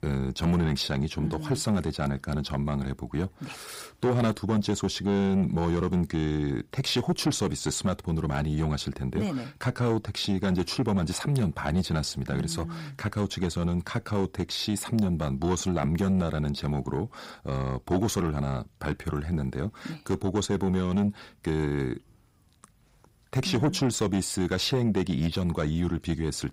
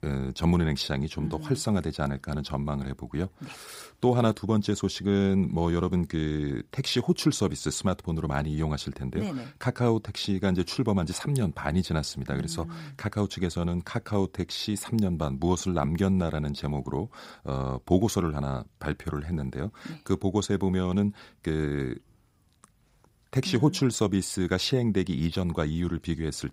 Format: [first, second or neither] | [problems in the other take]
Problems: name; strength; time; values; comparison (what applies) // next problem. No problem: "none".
second | distortion; slight; 10 dB below the speech